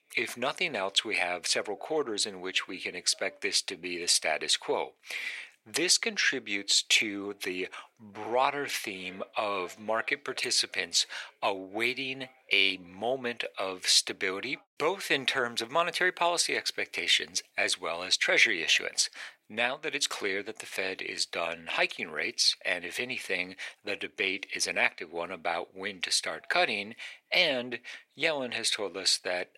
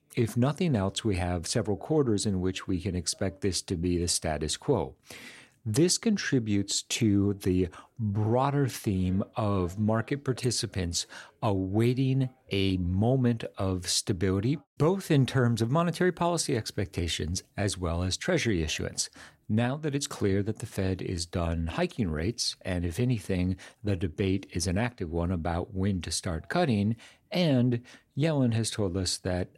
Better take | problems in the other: second | thin; very; fading below 600 Hz

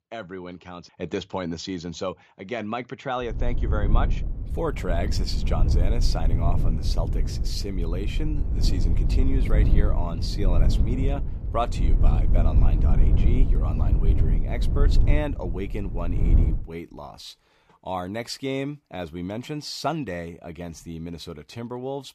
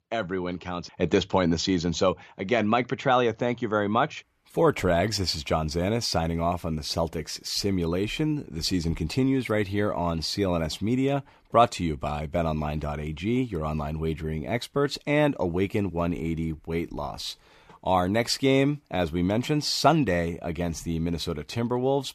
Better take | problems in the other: second | low rumble; loud; from 3.5 to 17 s; 7 dB below the speech

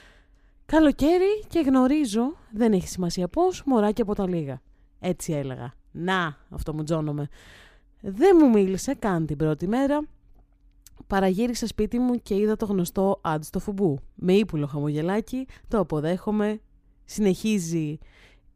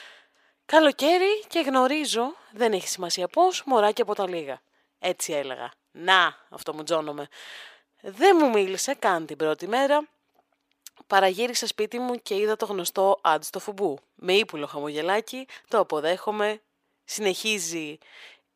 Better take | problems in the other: first | thin; very; fading below 650 Hz

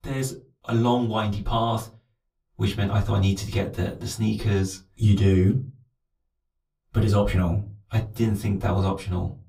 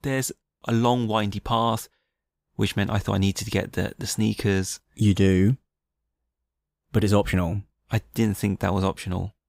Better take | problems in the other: second | off-mic speech; far // room echo; very slight; dies away in 0.2 s

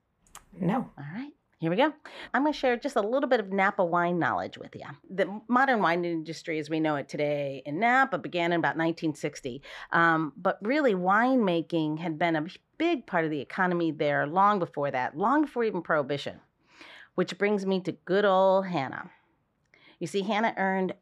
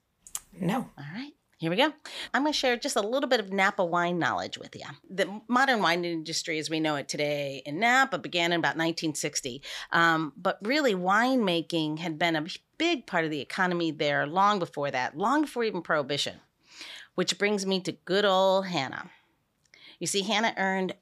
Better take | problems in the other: second | muffled; slightly; fading above 3 kHz

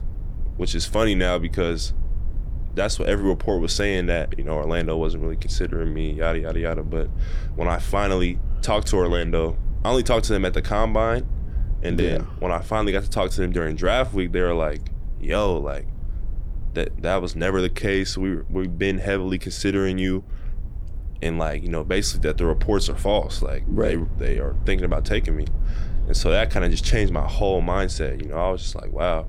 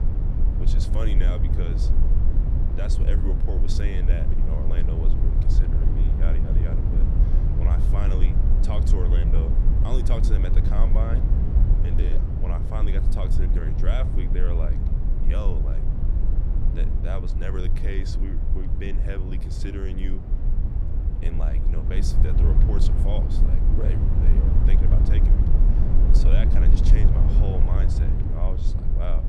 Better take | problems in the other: first | low rumble; loud; throughout; 1 dB below the speech; faint in the first

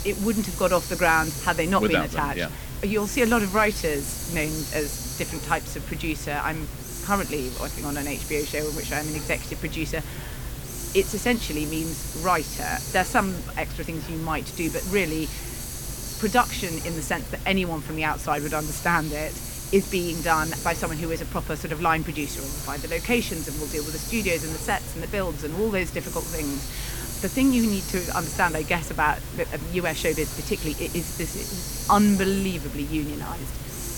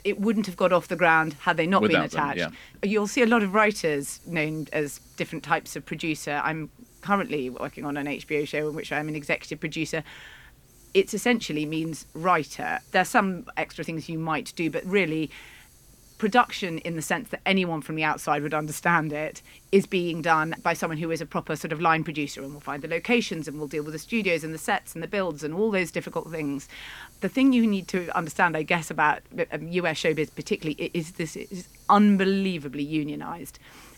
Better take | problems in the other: second | hiss; loud; throughout; 6 dB below the speech; faint in the second

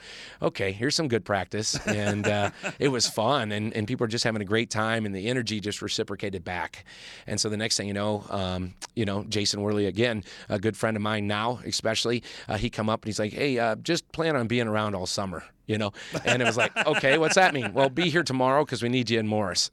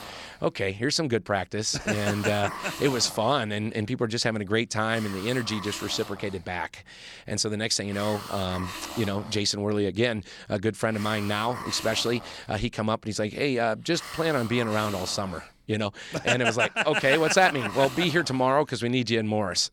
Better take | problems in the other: first | hiss; noticeable; throughout; 10 dB below the speech

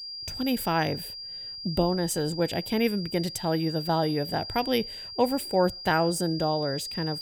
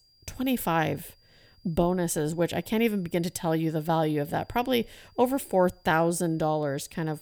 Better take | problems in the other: second | high-pitched whine; loud; throughout; 5 kHz, 8 dB below the speech; faint in the second

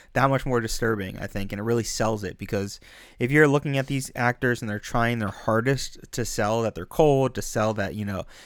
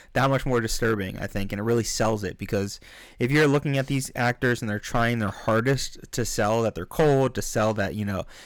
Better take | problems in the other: first | distortion; slight; 3% of the sound clipped

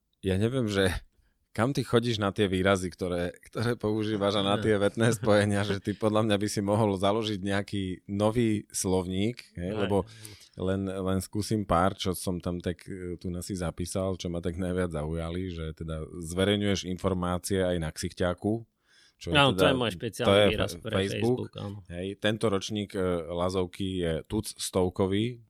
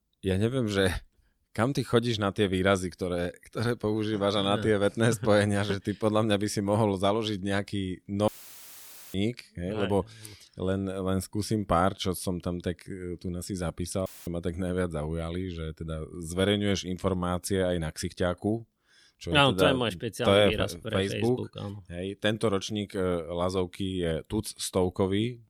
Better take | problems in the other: first | audio cutting out; filled with static; at 8.5 s for 1 s and at 14 s

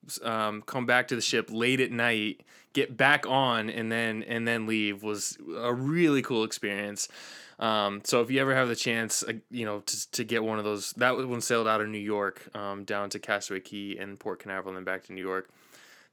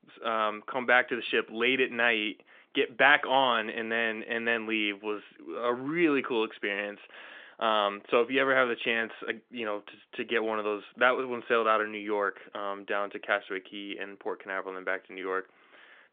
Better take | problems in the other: first | phone-call audio; nothing above 3.5 kHz

